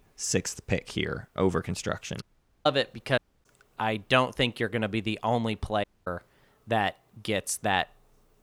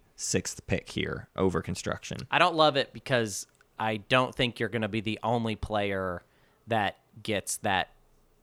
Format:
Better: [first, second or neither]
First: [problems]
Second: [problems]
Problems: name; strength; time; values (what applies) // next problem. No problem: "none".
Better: second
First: audio cutting out; at 2 s, at 3 s and at 6 s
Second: none